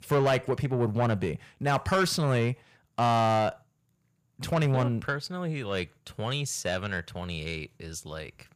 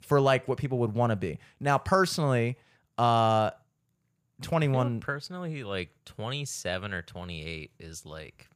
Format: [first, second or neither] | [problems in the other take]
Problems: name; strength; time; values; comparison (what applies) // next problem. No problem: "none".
second | distortion; slight; 10 dB below the speech